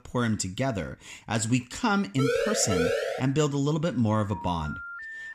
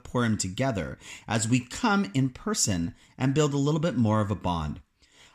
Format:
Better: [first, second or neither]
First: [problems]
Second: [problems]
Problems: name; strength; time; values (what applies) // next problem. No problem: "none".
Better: second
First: siren; loud; from 2 to 3 s; peak 1 dB above the speech // phone ringing; noticeable; from 4.5 s on; peak 10 dB below the speech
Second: none